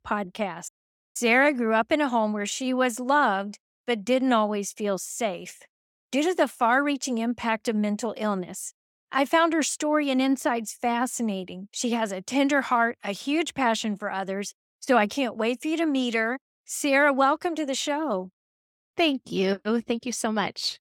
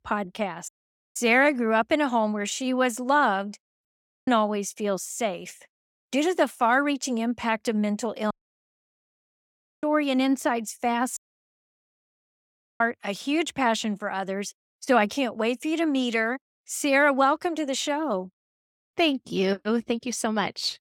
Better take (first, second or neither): first